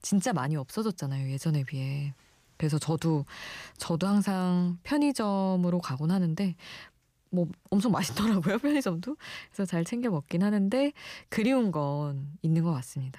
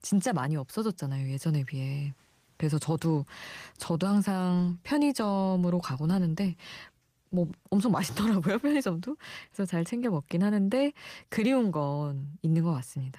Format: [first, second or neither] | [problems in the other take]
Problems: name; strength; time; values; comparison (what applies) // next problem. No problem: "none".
first | garbled, watery; slightly; nothing above 15 kHz